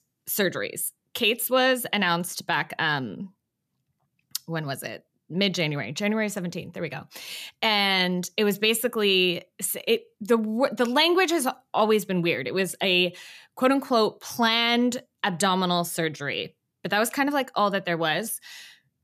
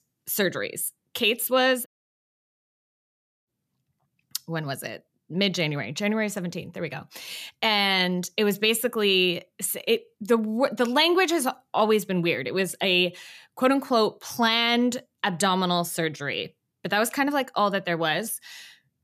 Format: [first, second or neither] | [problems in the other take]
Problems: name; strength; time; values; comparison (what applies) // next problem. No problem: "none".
first | audio cutting out; at 2 s for 1.5 s